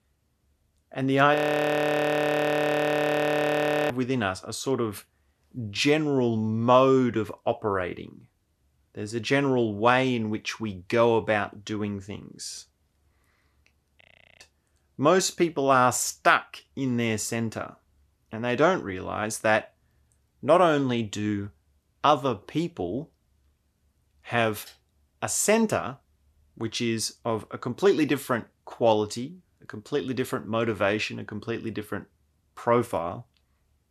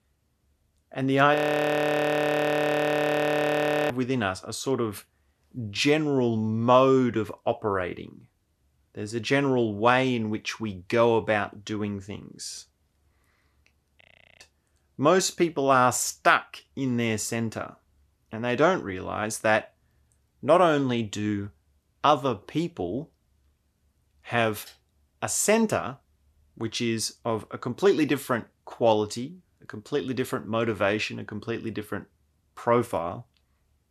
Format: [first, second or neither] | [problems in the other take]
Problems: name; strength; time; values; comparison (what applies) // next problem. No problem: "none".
neither | audio freezing; at 1.5 s for 2.5 s and at 14 s; the same in both